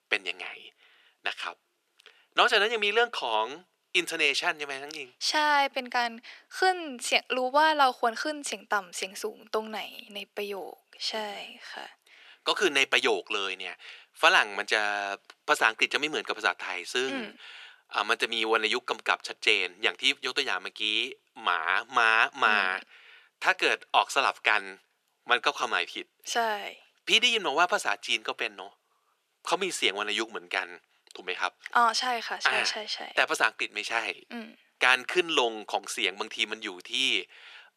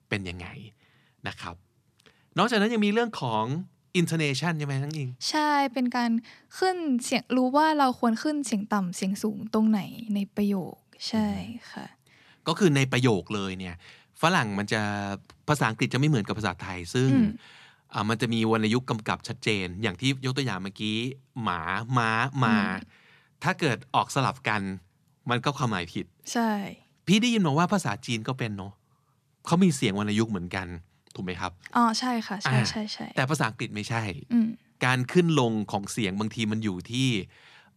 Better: second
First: thin; very; fading below 400 Hz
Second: none

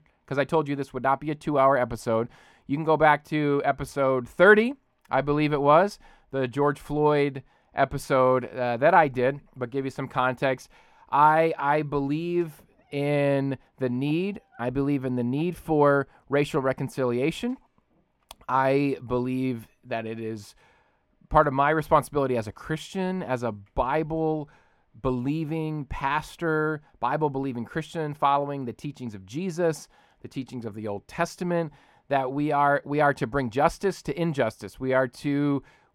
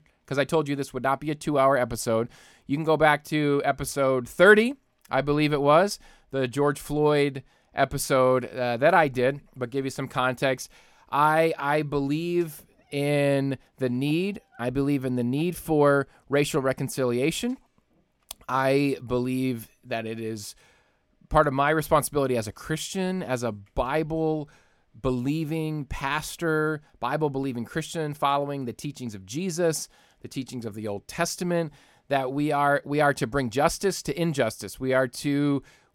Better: second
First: muffled; slightly; fading above 4 kHz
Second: none

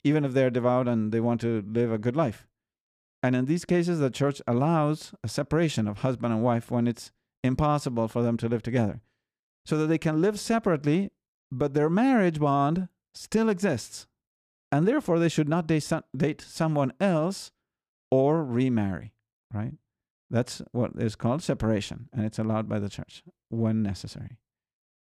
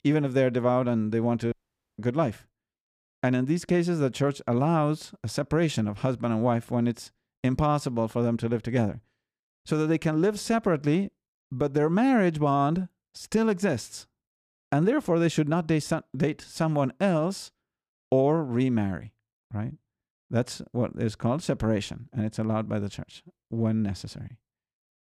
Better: first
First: none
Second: audio cutting out; at 1.5 s

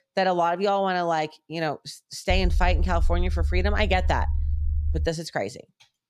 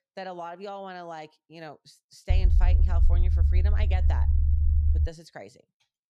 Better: first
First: low rumble; faint; from 2.5 to 5 s; 20 dB below the speech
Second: low rumble; loud; from 2.5 to 5 s; 4 dB below the speech

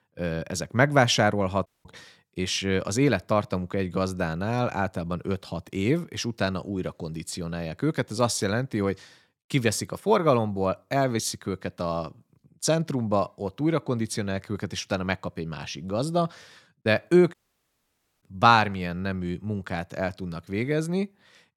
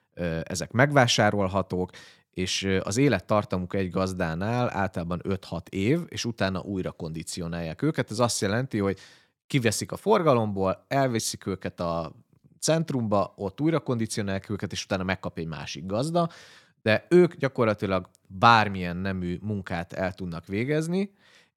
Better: second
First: audio cutting out; at 1.5 s and at 17 s for 1 s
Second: none

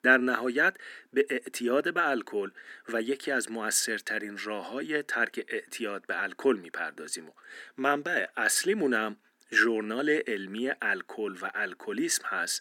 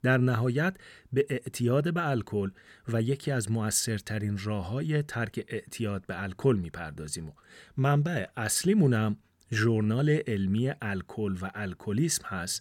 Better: second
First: thin; somewhat; fading below 250 Hz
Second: none

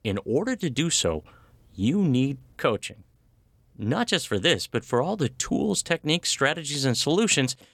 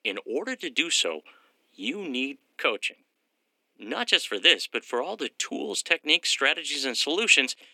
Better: first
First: none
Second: thin; somewhat; fading below 250 Hz

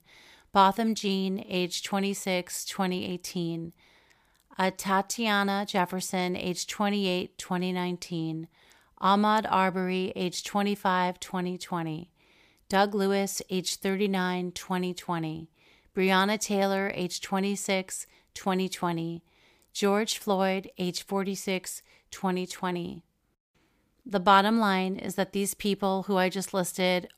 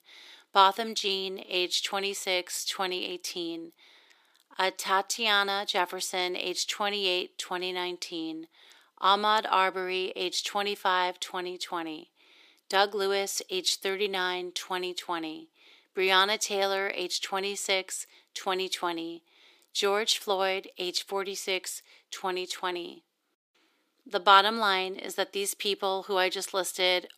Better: first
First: none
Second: thin; very; fading below 300 Hz

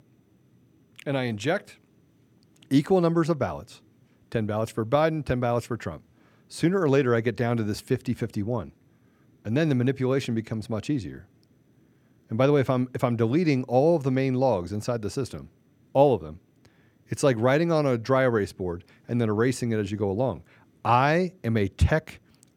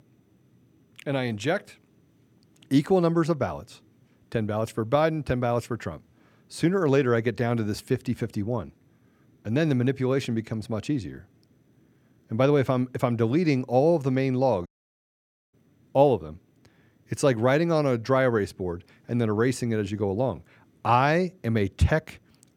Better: first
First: none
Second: audio cutting out; at 15 s for 1 s

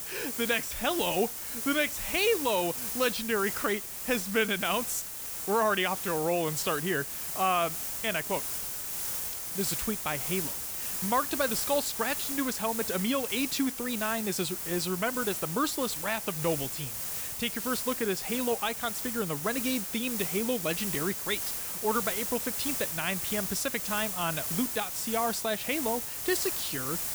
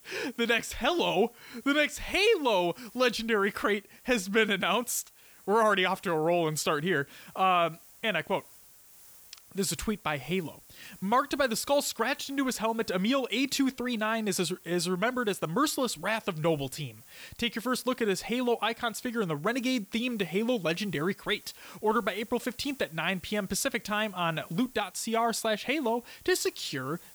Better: second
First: hiss; loud; throughout; 2 dB below the speech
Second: hiss; faint; throughout; 25 dB below the speech

